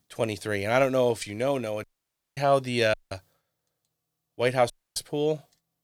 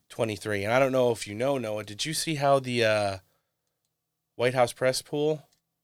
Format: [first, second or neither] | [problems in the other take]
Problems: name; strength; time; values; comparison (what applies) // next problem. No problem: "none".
second | audio cutting out; at 2 s for 0.5 s, at 3 s and at 4.5 s